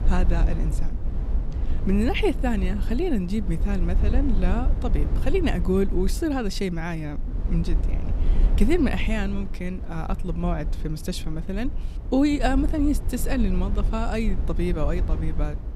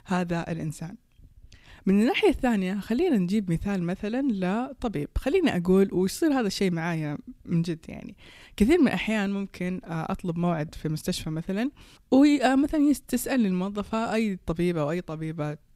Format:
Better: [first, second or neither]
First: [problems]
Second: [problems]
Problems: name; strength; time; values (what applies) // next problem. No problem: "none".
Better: second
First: low rumble; noticeable; throughout; 15 dB below the speech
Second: none